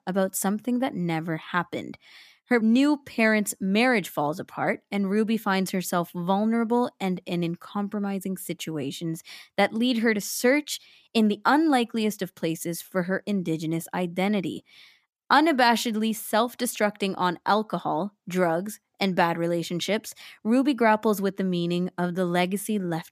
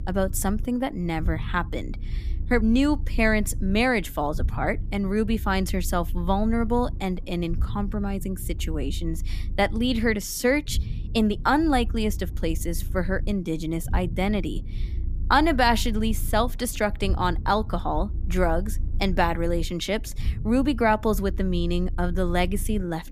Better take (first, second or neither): first